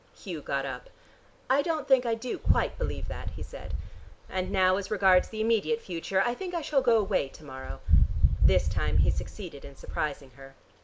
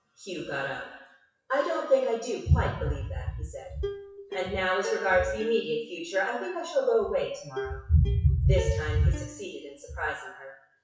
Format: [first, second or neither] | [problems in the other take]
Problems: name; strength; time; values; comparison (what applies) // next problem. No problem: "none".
first | noise reduction (classical method WPE with log-MMSE)